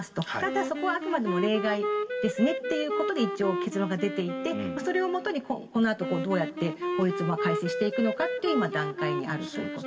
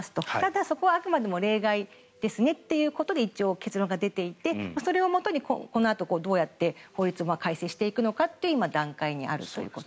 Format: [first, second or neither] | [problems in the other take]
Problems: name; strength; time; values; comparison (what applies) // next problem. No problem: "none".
second | background sound (Wind instrument, woodwind instrument); 3 dB below the speech // room echo; dies away in 1.5 s